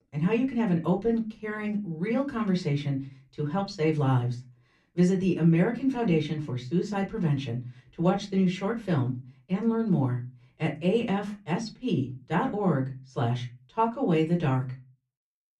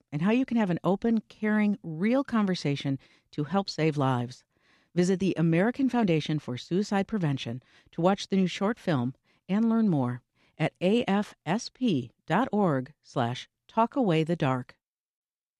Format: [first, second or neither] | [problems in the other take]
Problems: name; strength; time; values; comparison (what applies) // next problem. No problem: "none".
second | off-mic speech; far // room echo; very slight; dies away in 0.3 s